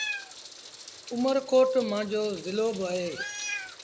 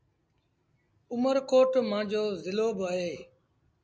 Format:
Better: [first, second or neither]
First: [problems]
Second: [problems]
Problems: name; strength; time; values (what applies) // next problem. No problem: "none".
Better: second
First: background sound (Meow); 11 dB below the speech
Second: none